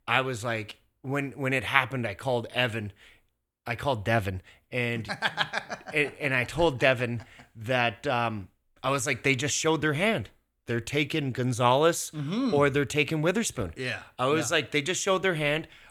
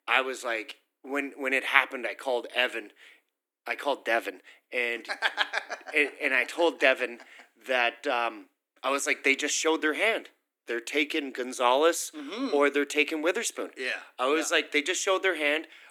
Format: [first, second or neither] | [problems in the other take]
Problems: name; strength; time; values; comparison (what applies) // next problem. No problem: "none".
first | thin; somewhat; fading below 300 Hz